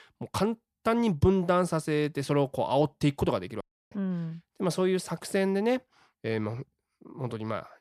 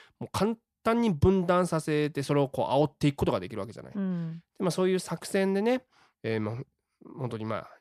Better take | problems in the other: second | audio cutting out; at 3.5 s

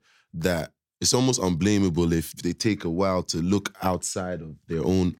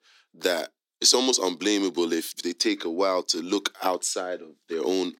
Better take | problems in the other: first | thin; somewhat; fading below 300 Hz

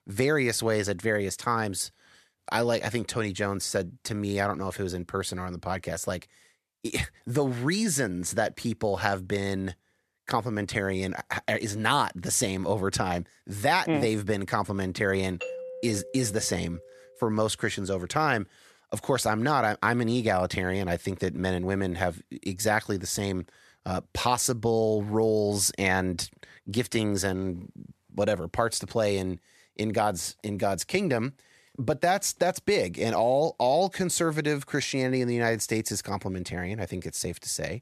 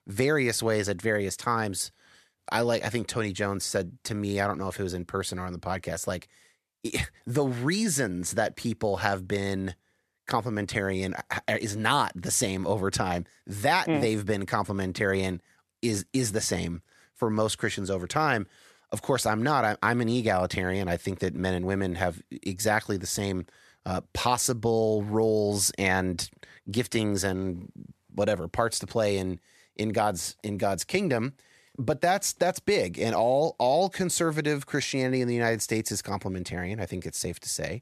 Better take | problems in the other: second | doorbell; noticeable; from 15 to 17 s; peak 8 dB below the speech

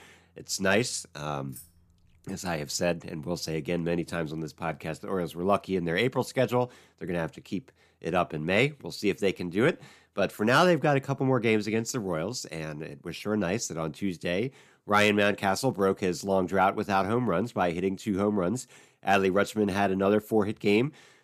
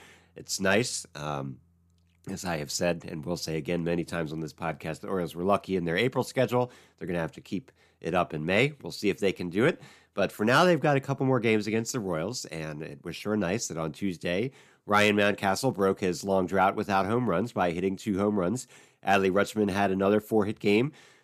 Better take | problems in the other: second | jangling keys; faint; at 1.5 s; peak 20 dB below the speech

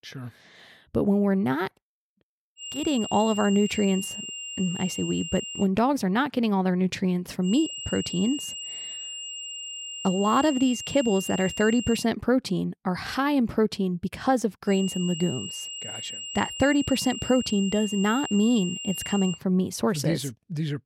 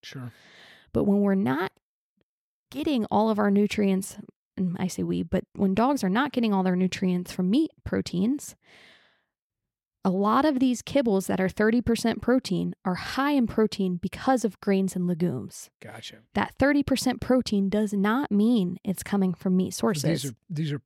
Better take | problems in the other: second | high-pitched whine; loud; from 2.5 to 5.5 s, from 7.5 to 12 s and from 15 to 19 s; 3 kHz, 8 dB below the speech

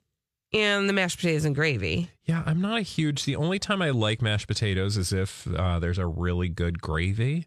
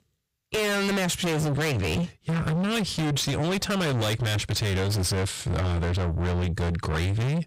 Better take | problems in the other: first | distortion; heavy; 6 dB below the speech

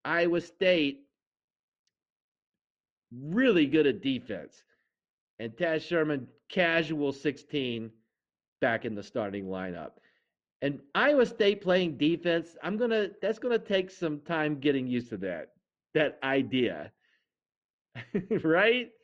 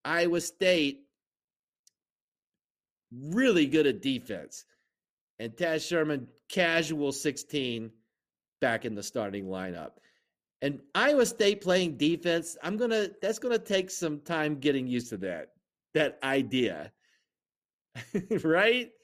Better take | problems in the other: second | muffled; slightly; fading above 3.5 kHz

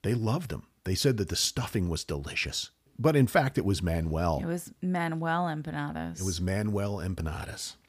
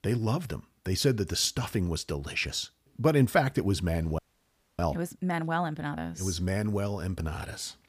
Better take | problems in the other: first | audio freezing; at 4 s for 0.5 s

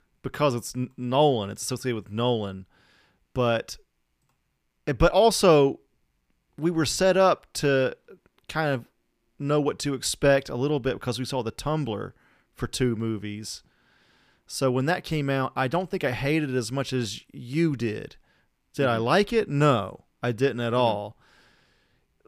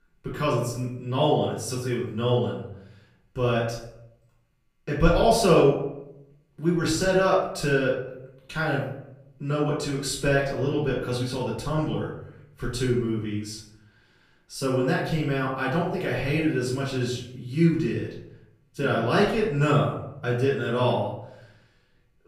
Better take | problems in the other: first | off-mic speech; far // room echo; noticeable; dies away in 0.6 s

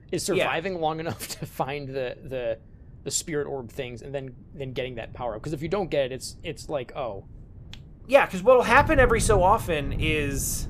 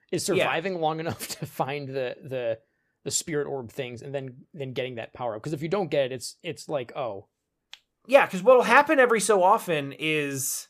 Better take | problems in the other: second | wind noise on the microphone; occasional gusts; 20 dB below the speech

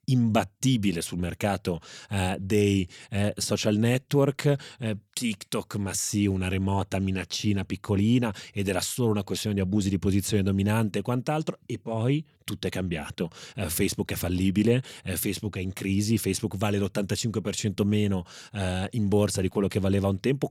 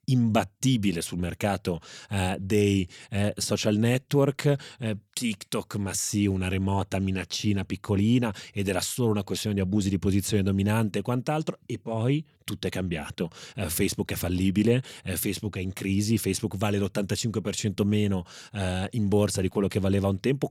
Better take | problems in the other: neither | none

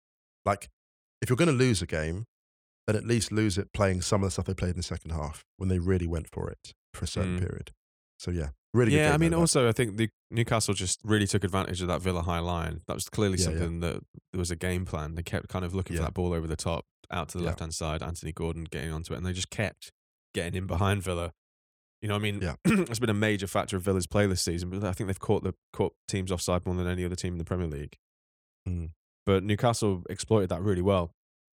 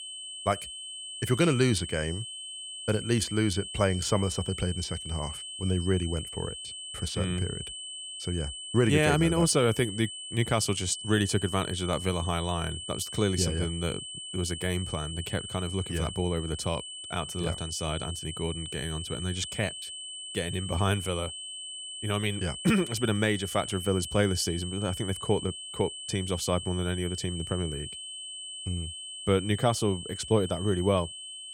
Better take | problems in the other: first | high-pitched whine; loud; throughout; 3 kHz, 8 dB below the speech

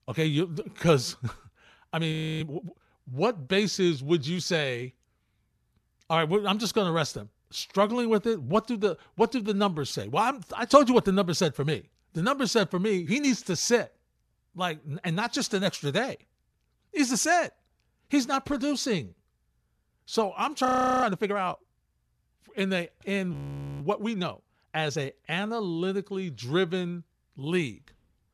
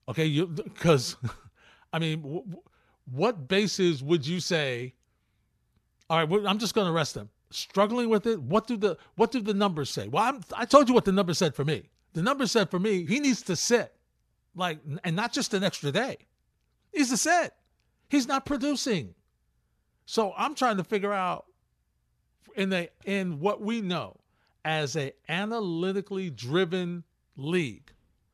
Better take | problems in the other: second | audio freezing; at 2 s, at 21 s and at 23 s

